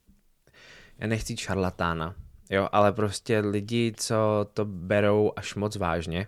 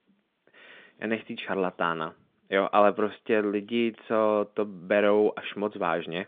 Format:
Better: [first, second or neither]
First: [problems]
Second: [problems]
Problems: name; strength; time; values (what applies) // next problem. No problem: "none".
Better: first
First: none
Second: phone-call audio